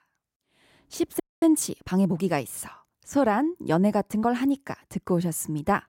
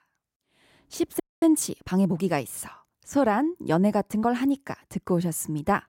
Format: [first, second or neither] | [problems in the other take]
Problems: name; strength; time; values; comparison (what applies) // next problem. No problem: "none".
neither | audio freezing; at 1 s; the same in both